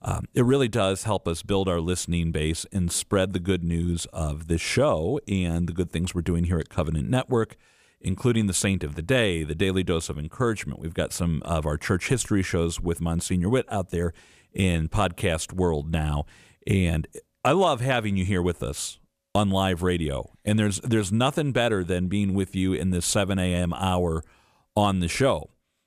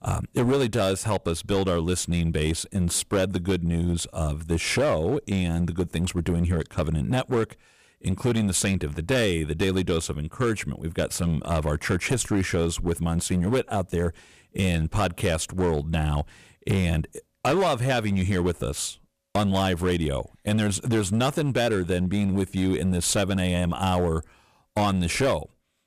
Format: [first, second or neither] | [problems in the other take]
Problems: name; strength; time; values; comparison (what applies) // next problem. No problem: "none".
first | distortion; slight; 9% of the sound clipped